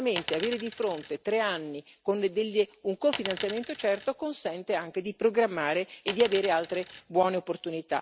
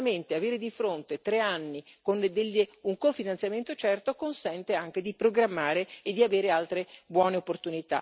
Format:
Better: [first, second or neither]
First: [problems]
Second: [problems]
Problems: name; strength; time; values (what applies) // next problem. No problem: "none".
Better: second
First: background sound (Coin (dropping)); 10 dB below the speech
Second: none